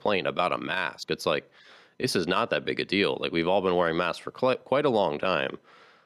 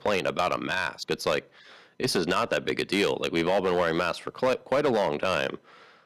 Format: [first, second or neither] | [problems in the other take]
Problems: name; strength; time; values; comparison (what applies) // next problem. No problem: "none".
first | distortion; slight; 5% of the sound clipped